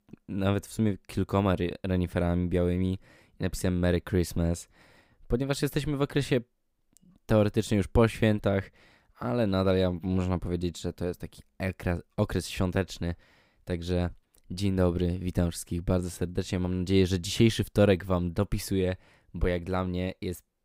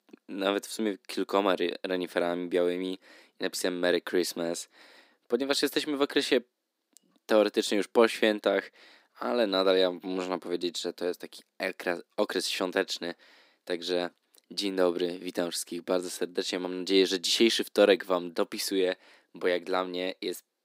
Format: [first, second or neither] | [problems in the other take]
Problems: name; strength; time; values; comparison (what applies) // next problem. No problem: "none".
first | thin; somewhat; fading below 250 Hz